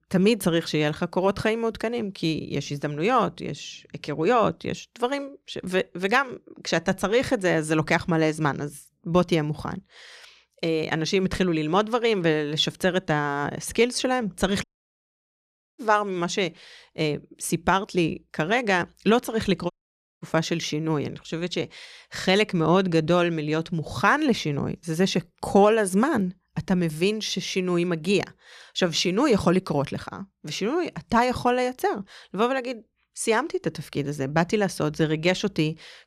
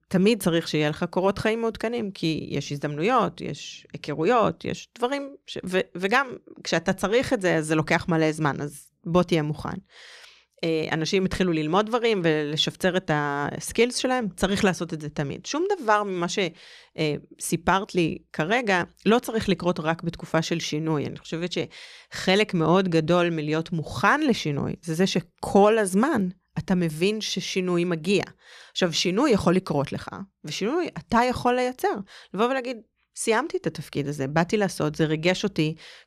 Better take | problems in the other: second | audio cutting out; at 15 s for 1 s and at 20 s for 0.5 s

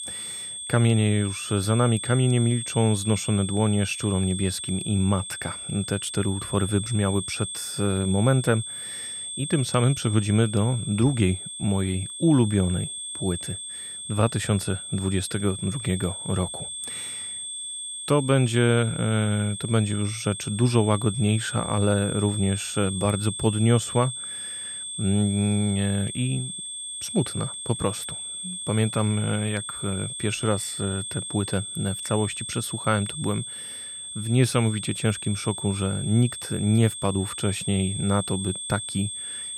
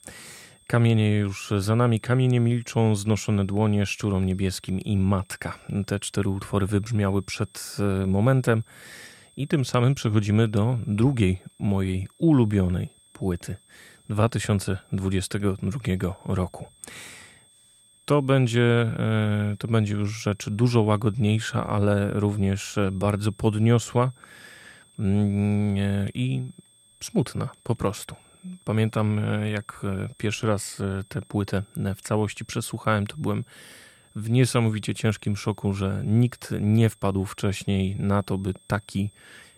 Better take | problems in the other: second | high-pitched whine; loud; throughout; 8.5 kHz, 7 dB below the speech; faint in the second

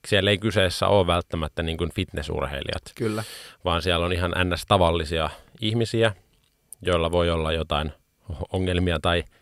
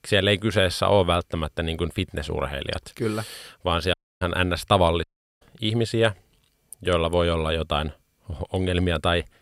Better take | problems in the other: first | audio cutting out; at 4 s and at 5 s

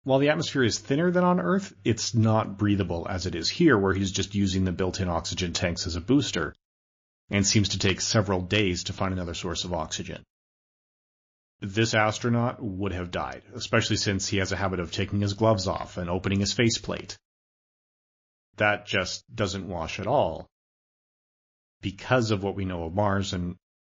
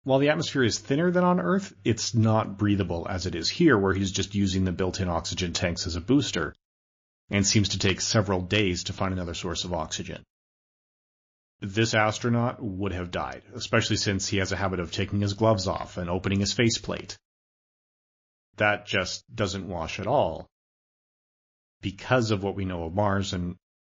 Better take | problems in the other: neither | garbled, watery; slightly; nothing above 6.5 kHz; the same in both

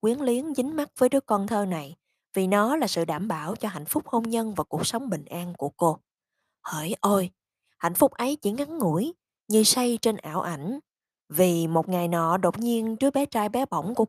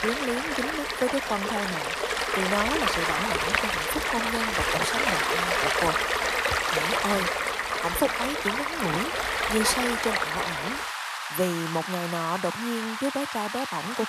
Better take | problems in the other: first | rain or running water; very loud; throughout; 4 dB above the speech

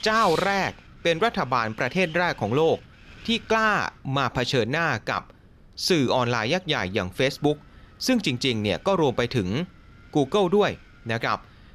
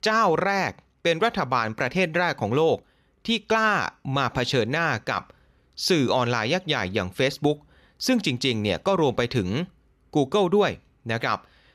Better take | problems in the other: second | wind noise on the microphone; occasional gusts; 20 dB below the speech

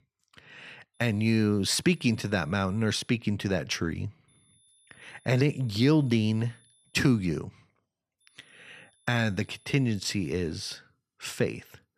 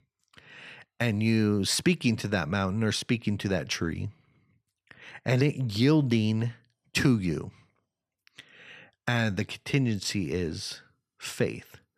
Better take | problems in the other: second | high-pitched whine; faint; from 1 to 3 s, from 4.5 to 7 s and from 8 to 11 s; 10.5 kHz, 35 dB below the speech

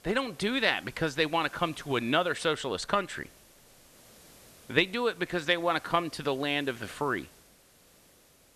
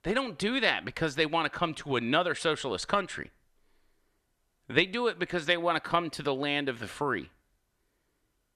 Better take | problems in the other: second | hiss; faint; throughout; 25 dB below the speech

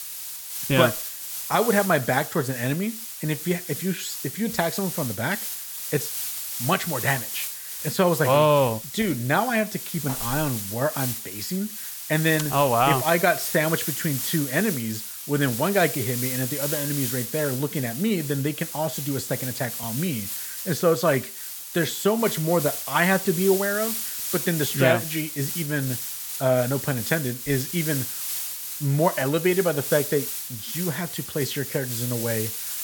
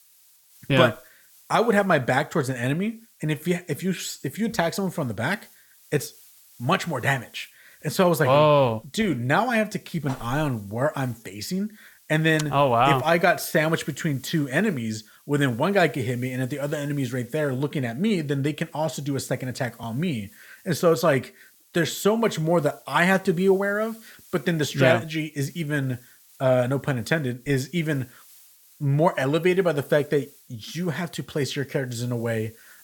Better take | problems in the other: second | hiss; loud; throughout; 5 dB below the speech; faint in the second

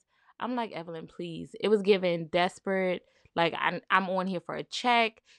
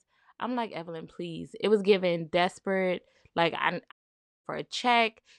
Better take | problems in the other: first | audio cutting out; at 4 s for 0.5 s

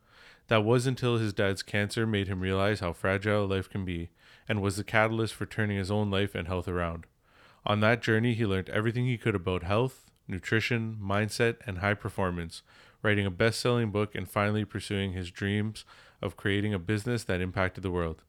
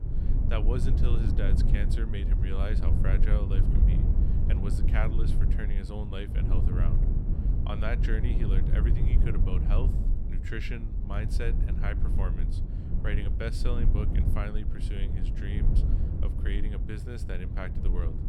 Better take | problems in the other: first | low rumble; loud; throughout; 3 dB below the speech

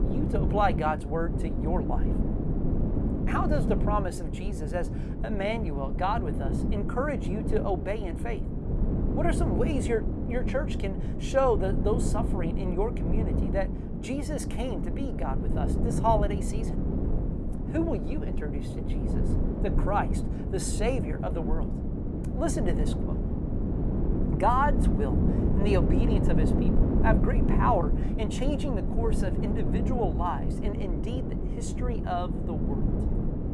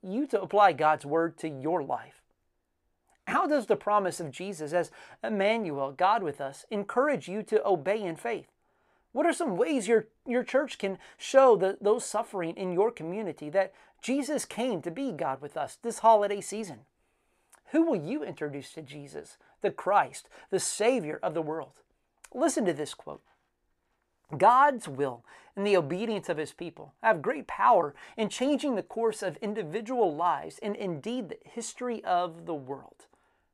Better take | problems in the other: second | wind noise on the microphone; heavy; 6 dB below the speech

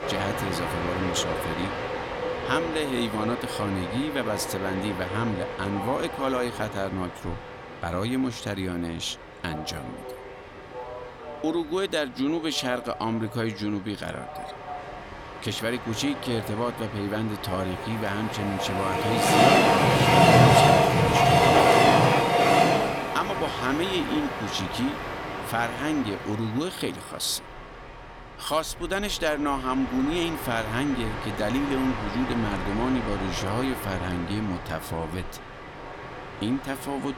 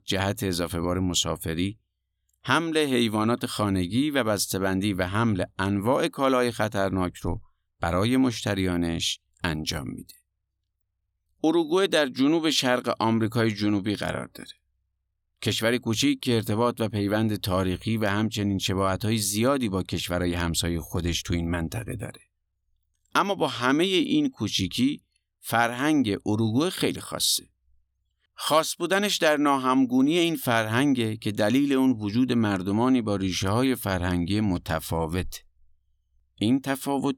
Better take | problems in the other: second | train or aircraft noise; very loud; throughout; 4 dB above the speech

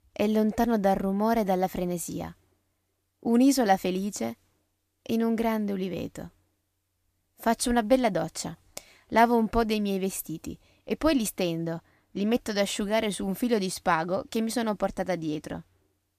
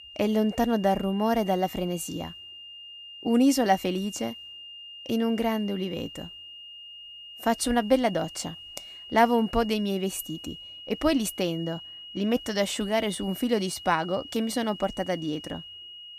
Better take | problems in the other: first | high-pitched whine; noticeable; throughout; 3 kHz, 15 dB below the speech

